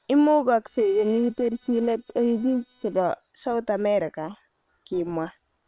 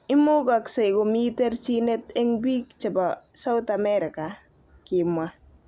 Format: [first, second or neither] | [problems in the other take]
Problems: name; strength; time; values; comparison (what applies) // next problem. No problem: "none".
second | noise reduction (neural separator model SepFormer WHAM!)